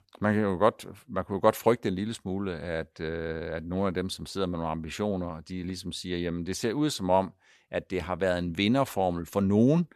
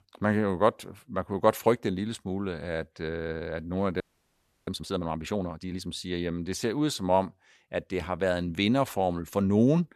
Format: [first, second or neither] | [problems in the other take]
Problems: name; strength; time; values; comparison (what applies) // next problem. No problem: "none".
first | audio freezing; at 4 s for 0.5 s